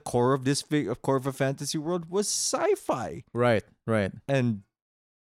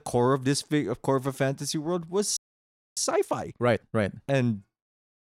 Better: first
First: none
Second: audio freezing; at 2.5 s for 0.5 s

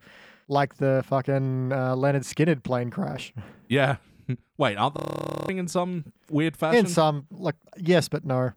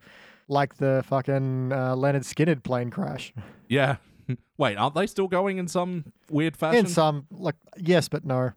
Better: second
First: audio freezing; at 5 s for 0.5 s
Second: none

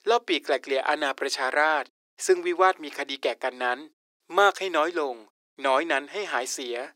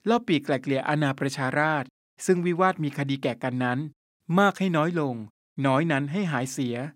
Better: second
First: thin; very; fading below 350 Hz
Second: none

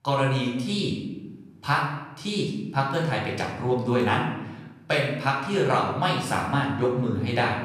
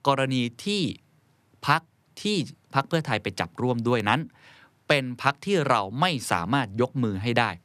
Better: second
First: off-mic speech; far // room echo; noticeable; dies away in 0.9 s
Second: none

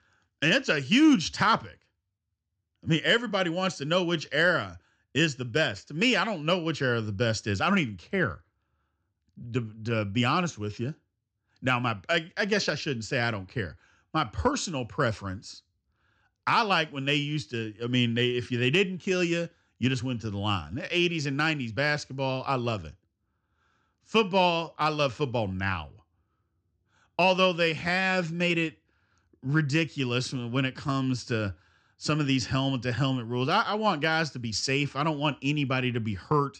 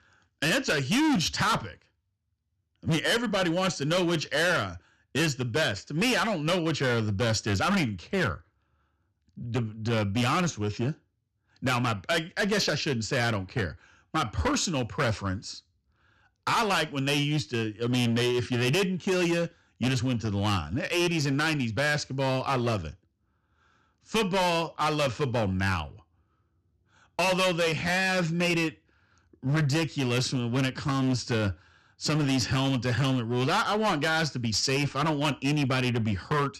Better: first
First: none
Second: distortion; heavy; 14% of the sound clipped

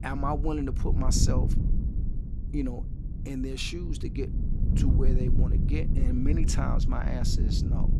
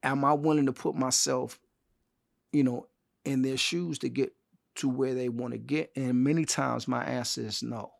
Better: second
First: wind noise on the microphone; heavy; 6 dB below the speech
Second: none

